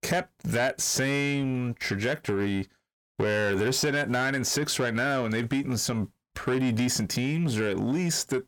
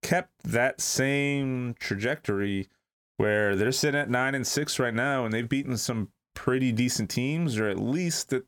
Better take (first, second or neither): second